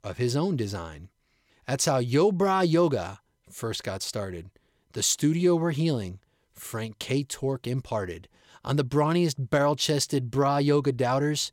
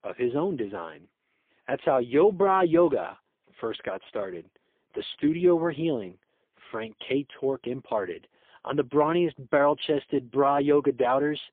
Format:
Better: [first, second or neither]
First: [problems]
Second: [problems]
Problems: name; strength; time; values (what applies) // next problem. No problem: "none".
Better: first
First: none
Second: phone-call audio; poor line